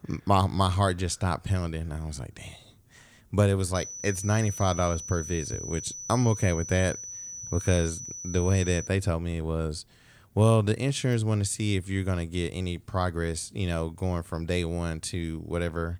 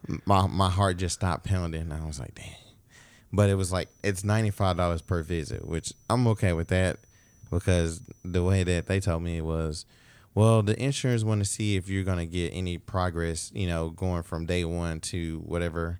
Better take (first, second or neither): second